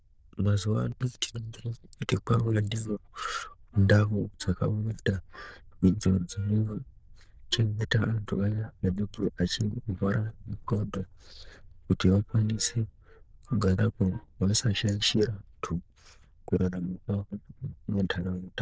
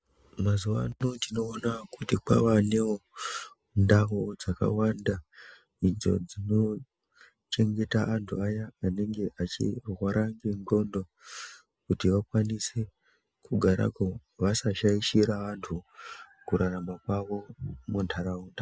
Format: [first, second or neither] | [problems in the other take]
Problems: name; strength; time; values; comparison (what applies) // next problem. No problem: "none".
second | noise reduction (neural diffusion model UNIVERSE++)